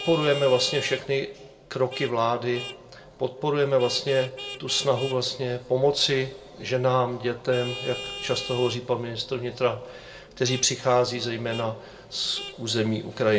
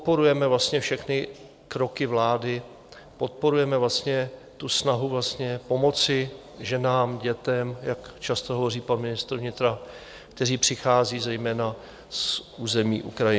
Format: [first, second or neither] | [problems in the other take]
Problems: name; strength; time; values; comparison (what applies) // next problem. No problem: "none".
second | background sound (Vehicle horn, car horn, honking); 14 dB below the speech // room echo; dies away in 0.4 s